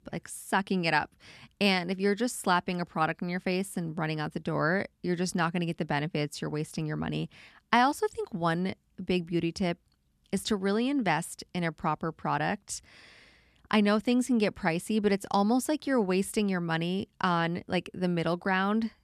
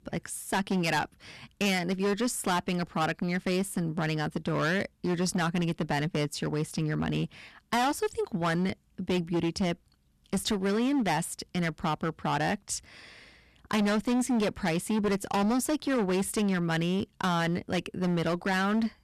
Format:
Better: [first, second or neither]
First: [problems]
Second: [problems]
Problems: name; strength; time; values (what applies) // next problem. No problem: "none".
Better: first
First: none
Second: distortion; heavy; 15% of the sound clipped